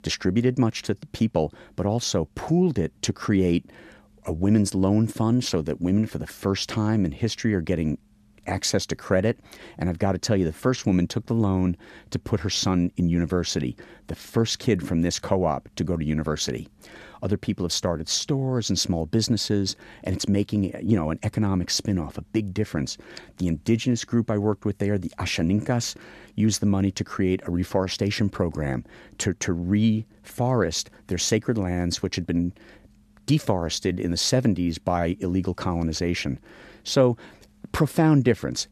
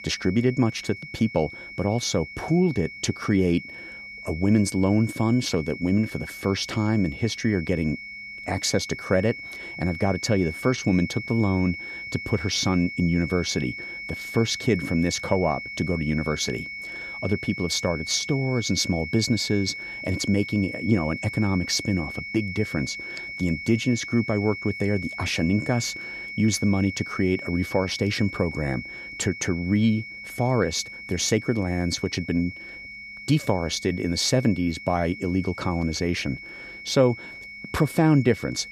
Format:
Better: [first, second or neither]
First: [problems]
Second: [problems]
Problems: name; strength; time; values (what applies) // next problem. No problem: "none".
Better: first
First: none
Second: high-pitched whine; loud; throughout; 2 kHz, 10 dB below the speech